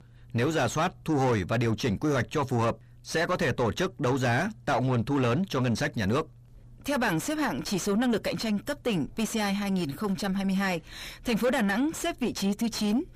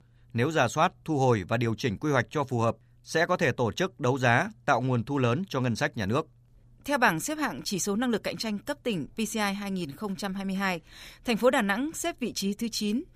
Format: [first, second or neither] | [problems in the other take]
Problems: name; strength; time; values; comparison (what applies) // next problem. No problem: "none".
second | distortion; heavy; 6 dB below the speech